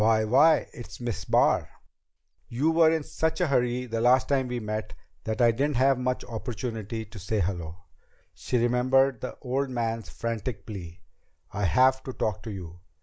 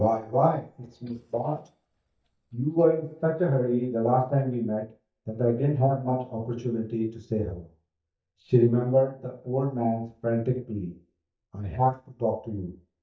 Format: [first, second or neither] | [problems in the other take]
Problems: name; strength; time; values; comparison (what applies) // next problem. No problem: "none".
first | noise reduction (neural mask model DeepFilterNet 3)